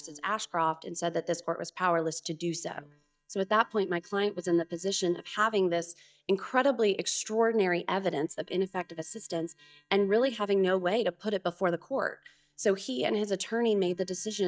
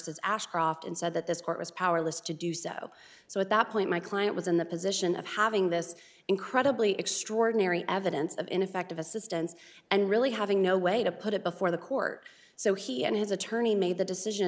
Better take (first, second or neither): second